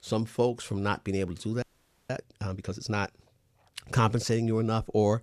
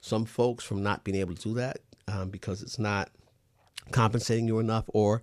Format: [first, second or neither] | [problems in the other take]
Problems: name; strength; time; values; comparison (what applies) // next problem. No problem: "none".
second | audio freezing; at 1.5 s